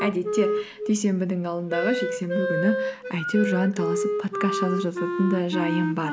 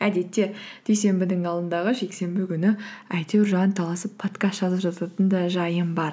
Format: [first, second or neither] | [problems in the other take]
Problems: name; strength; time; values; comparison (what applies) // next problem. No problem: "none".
second | background sound (Wind instrument, woodwind instrument); 2 dB below the speech